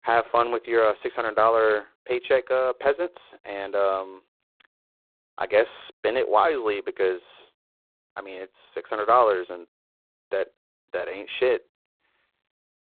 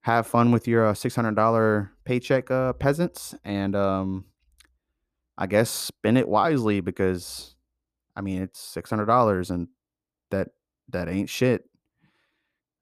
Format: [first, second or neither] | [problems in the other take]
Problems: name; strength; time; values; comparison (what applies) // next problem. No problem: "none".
second | phone-call audio; poor line; nothing above 4 kHz